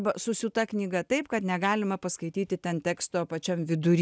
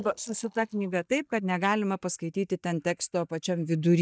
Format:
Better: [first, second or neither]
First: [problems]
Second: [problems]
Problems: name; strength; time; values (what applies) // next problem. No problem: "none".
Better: first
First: none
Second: noise reduction (neural mask model DeepFilterNet 3)